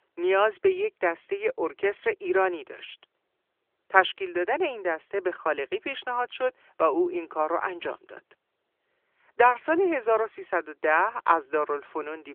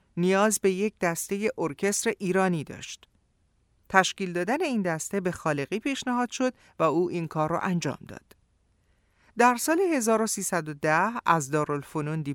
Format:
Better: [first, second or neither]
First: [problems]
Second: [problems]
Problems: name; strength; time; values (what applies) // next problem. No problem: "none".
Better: second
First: phone-call audio; nothing above 3.5 kHz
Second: none